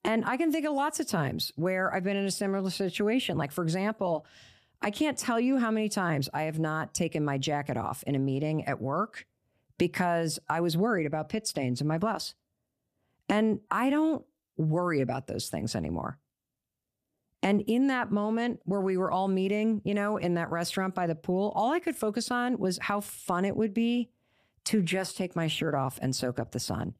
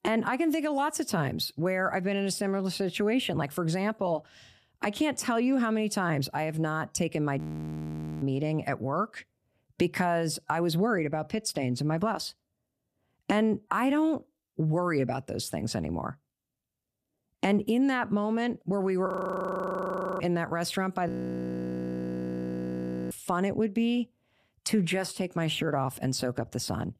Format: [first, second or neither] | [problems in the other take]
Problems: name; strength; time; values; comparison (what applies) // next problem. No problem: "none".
first | audio freezing; at 7.5 s for 1 s, at 19 s for 1 s and at 21 s for 2 s